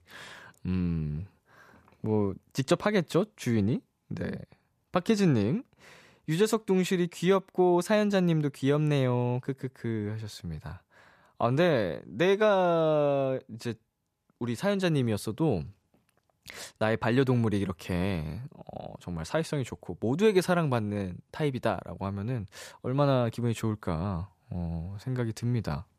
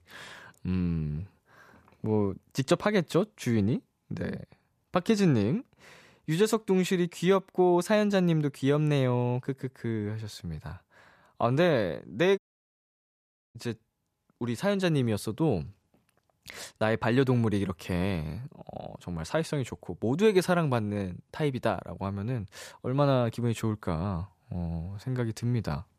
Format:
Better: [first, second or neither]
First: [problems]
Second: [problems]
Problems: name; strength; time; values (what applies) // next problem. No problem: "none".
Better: first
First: none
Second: audio cutting out; at 12 s for 1 s